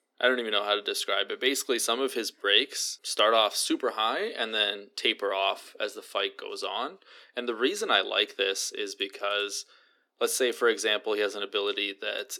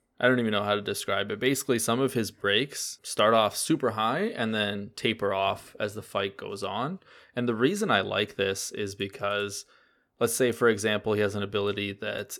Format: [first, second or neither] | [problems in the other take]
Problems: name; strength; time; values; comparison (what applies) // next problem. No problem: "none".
second | thin; somewhat; fading below 300 Hz